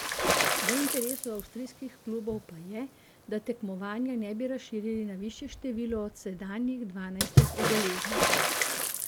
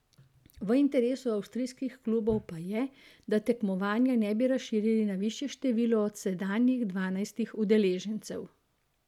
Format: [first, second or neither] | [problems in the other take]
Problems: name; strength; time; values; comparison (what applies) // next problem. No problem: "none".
second | background sound (Water / Splash, splatter); 3 dB above the speech